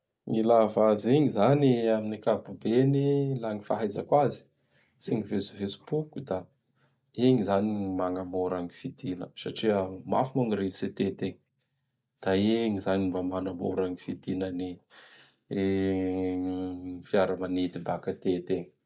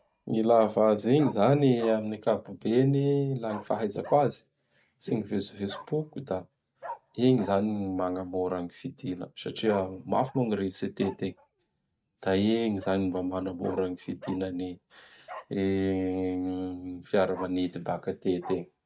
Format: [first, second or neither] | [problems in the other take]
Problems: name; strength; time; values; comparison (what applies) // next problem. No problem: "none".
first | noise reduction (neural mask model RNNoise)